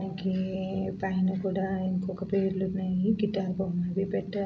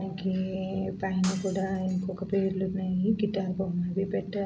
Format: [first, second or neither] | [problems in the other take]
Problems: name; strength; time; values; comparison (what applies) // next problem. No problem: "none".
first | background sound (Shatter); 18 dB below the speech